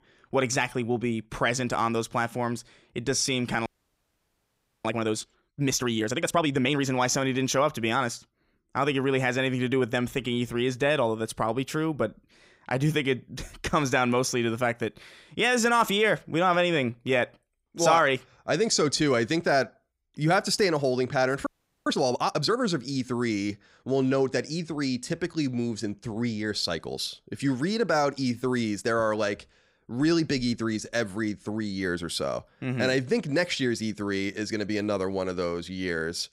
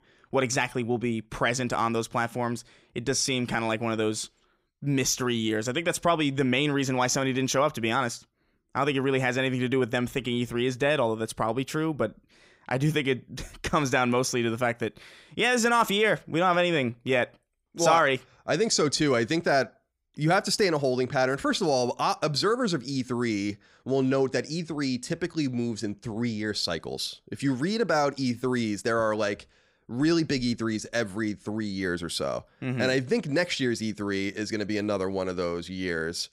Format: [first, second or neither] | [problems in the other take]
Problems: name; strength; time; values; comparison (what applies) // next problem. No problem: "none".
second | audio freezing; at 3.5 s for 1 s and at 21 s